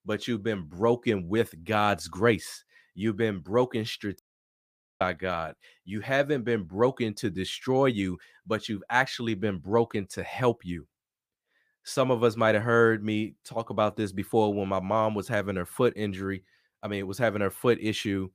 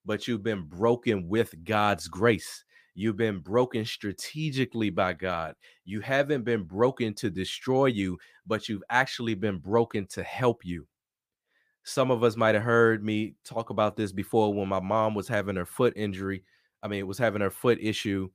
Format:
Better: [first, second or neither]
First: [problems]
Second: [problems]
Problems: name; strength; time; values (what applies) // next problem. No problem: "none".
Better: second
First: audio cutting out; at 4 s for 1 s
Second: none